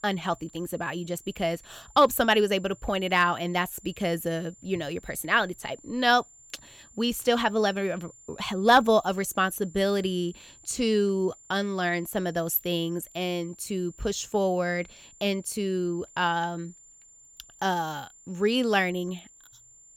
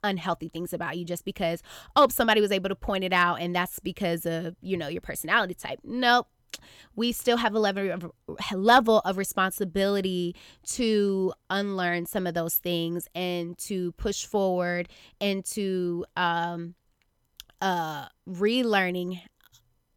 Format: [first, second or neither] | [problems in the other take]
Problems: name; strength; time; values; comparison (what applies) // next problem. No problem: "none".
second | high-pitched whine; faint; throughout; 7 kHz, 25 dB below the speech